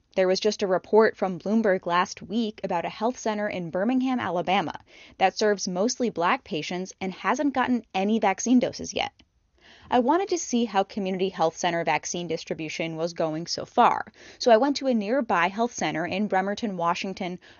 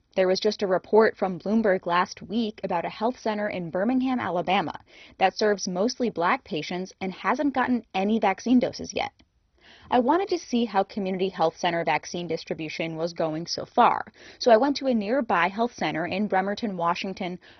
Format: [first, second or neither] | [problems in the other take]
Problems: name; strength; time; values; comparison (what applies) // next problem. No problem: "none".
first | garbled, watery; badly; nothing above 6 kHz; slightly in the first